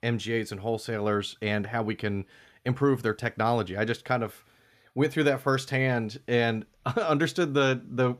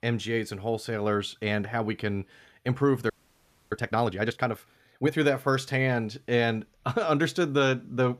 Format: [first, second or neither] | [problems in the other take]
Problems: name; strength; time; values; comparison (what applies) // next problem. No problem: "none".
first | audio freezing; at 3 s for 0.5 s